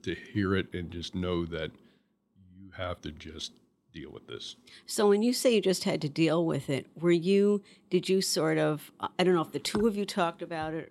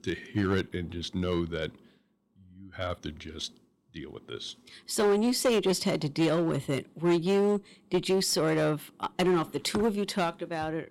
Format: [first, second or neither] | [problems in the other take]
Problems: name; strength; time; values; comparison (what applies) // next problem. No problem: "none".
first | distortion; slight; 6% of the sound clipped